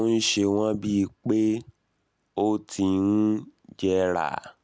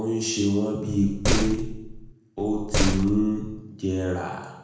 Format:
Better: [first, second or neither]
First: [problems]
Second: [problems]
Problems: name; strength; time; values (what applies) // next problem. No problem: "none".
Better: first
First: none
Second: background sound (Slam); 1 dB below the speech // room echo; dies away in 0.9 s